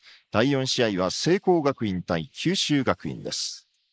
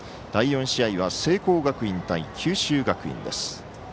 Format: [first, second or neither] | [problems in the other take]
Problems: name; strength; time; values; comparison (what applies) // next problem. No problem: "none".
second | noise reduction (neural mask model Resemble Enhance denoiser)